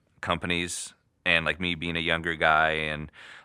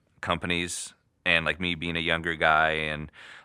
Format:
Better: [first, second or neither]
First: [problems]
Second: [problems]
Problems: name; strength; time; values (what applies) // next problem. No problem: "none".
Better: neither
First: none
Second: none